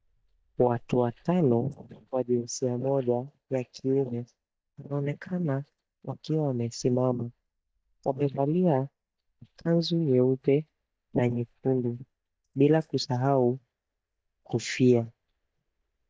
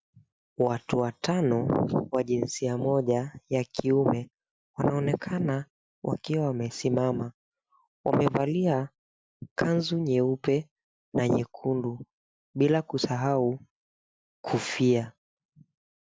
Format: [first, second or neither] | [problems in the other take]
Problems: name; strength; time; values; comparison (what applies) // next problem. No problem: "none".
second | noise reduction (neural mask model DeepFilterNet 3)